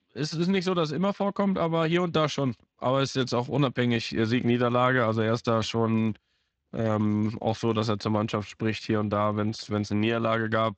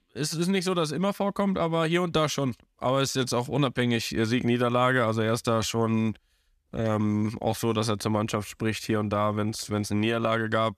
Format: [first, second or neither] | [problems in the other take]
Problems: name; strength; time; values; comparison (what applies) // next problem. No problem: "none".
second | garbled, watery; slightly